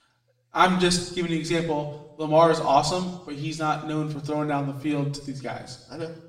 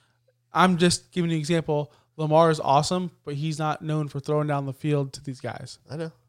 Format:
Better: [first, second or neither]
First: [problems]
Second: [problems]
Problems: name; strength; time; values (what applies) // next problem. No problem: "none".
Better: second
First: room echo; slight; dies away in 0.7 s // off-mic speech; far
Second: none